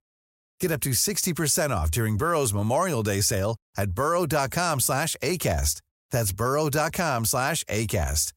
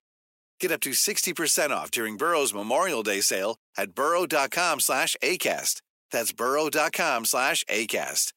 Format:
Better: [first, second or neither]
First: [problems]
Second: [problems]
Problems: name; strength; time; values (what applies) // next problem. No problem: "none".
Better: first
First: none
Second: thin; somewhat; fading below 250 Hz